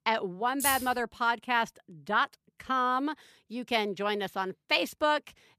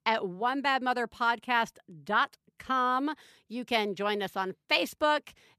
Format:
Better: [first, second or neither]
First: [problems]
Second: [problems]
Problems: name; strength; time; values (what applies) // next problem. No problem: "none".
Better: second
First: jangling keys; noticeable; at 0.5 s; peak 1 dB below the speech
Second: none